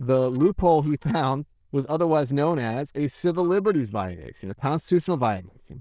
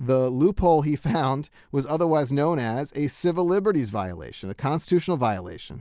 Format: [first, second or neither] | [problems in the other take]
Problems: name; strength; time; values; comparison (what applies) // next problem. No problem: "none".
second | noise reduction (neural diffusion model UNIVERSE++)